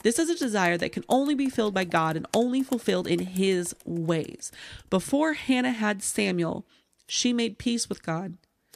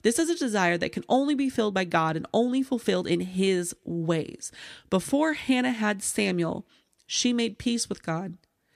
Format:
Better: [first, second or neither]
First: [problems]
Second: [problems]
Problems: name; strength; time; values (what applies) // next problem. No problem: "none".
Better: second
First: household noises; faint; throughout; 20 dB below the speech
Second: none